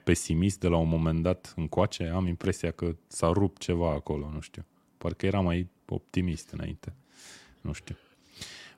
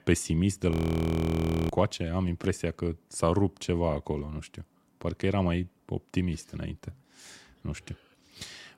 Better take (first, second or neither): first